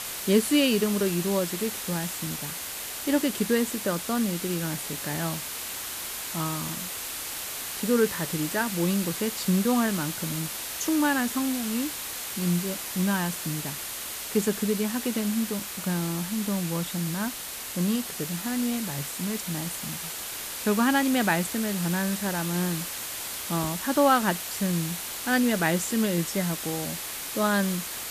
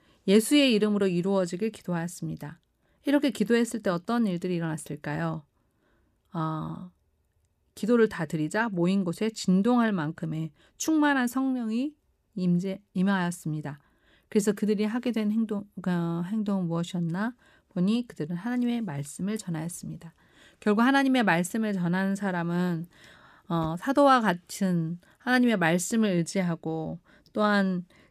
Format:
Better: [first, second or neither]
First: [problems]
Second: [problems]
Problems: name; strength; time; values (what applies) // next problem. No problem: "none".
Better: second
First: hiss; loud; throughout; 4 dB below the speech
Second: none